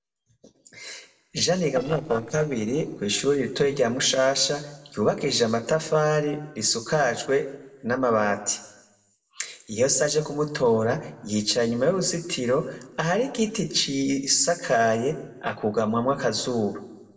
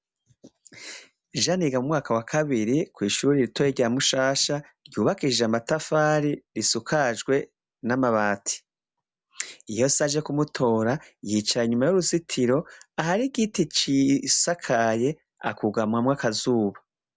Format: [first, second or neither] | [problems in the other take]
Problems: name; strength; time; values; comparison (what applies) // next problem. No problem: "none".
second | noise reduction (neural separator model SepFormer DNS4)